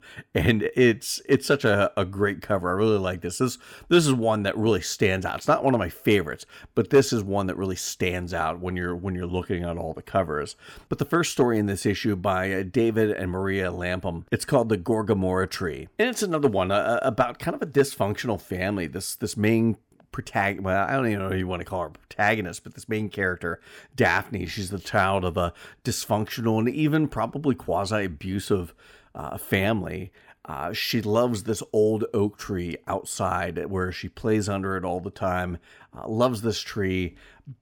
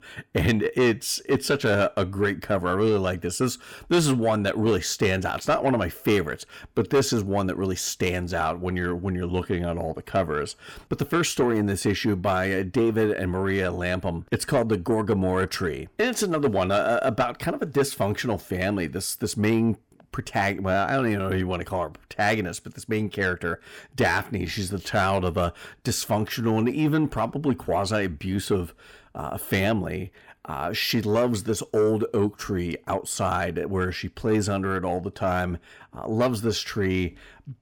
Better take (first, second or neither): first